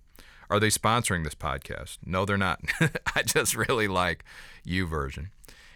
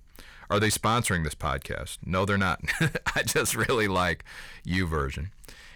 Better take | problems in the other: first | distortion; slight; 10 dB below the speech

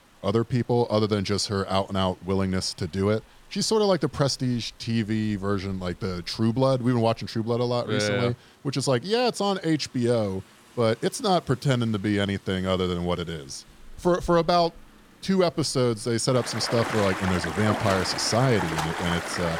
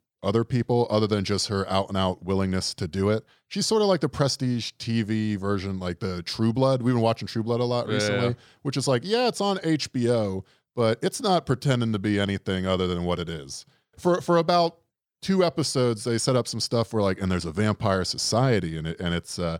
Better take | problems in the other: second | rain or running water; loud; throughout; 6 dB below the speech

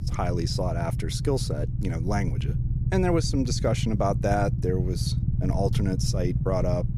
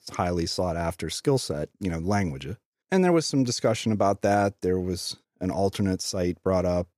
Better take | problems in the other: second | low rumble; noticeable; throughout; 10 dB below the speech

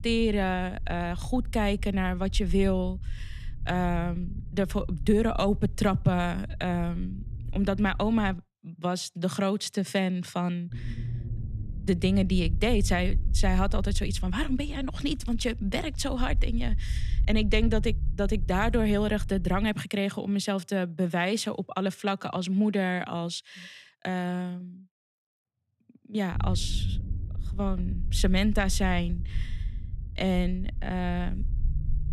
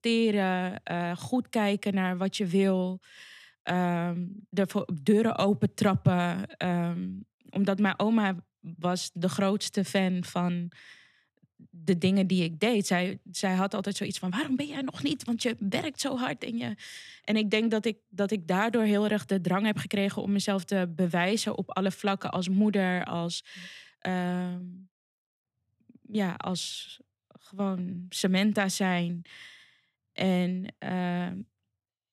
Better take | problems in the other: second | low rumble; faint; until 8.5 s, from 11 to 20 s and from 26 s on; 20 dB below the speech

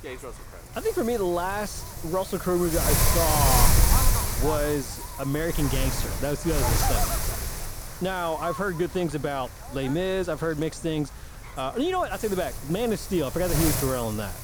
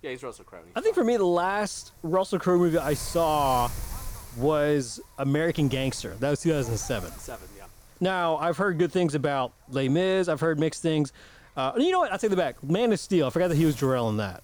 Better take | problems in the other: second | wind noise on the microphone; heavy; 1 dB below the speech; occasional gusts in the second

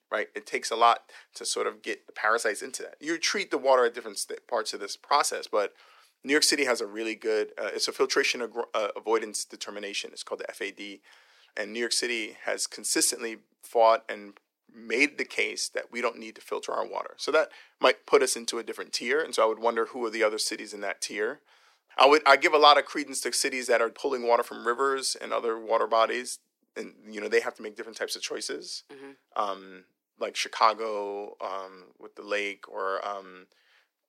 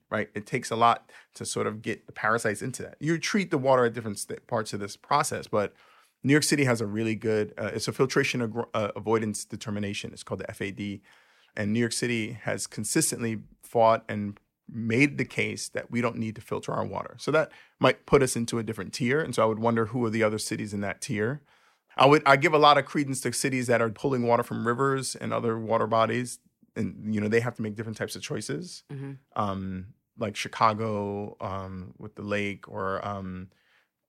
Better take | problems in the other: second | thin; somewhat; fading below 350 Hz

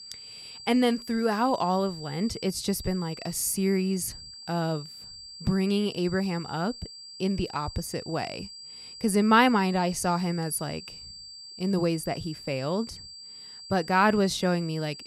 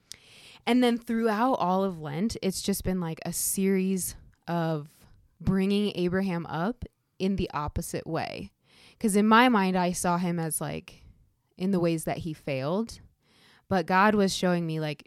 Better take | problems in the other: second | high-pitched whine; noticeable; throughout; 4.5 kHz, 15 dB below the speech

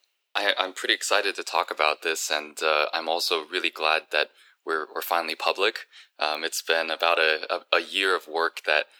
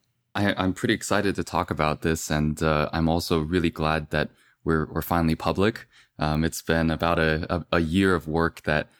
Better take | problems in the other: second | thin; very; fading below 450 Hz

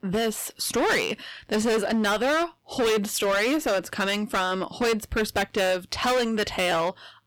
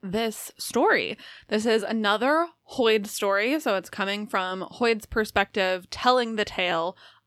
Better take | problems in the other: second | distortion; heavy; 18% of the sound clipped

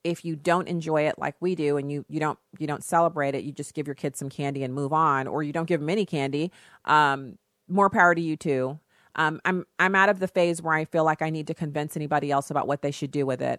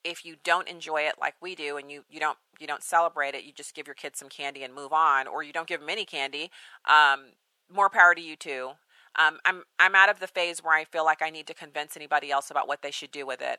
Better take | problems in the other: first | thin; very; fading below 750 Hz

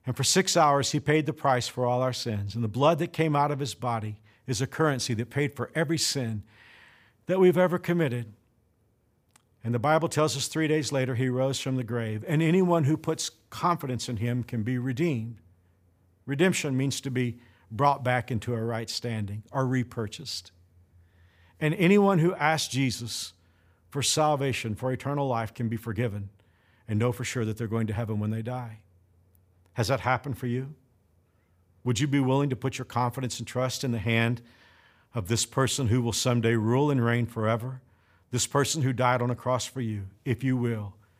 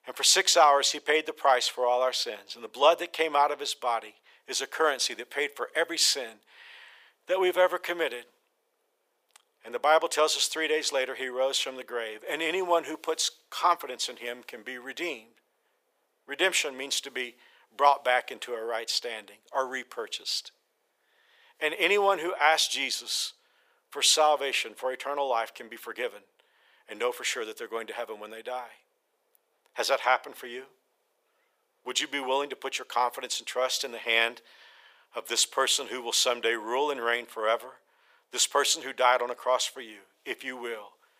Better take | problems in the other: first | thin; very; fading below 450 Hz

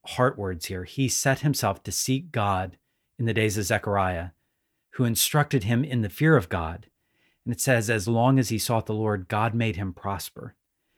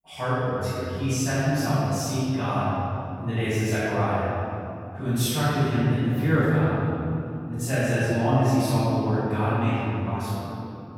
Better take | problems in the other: first | off-mic speech; far // room echo; strong; dies away in 3 s

